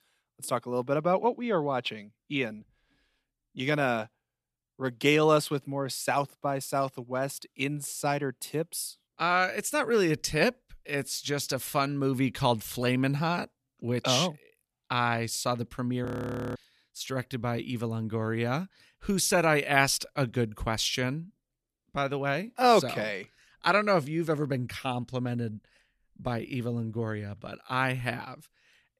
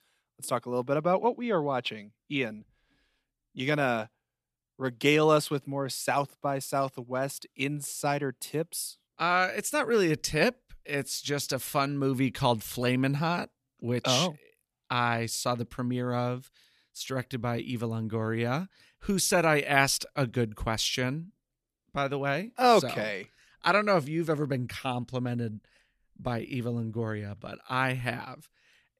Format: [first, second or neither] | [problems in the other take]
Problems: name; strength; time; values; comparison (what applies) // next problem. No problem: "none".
second | audio freezing; at 16 s for 0.5 s